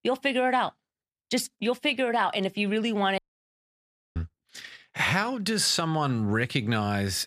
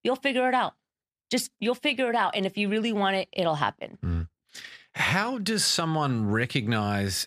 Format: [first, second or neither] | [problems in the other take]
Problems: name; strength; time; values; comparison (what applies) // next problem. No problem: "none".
second | audio cutting out; at 3 s for 1 s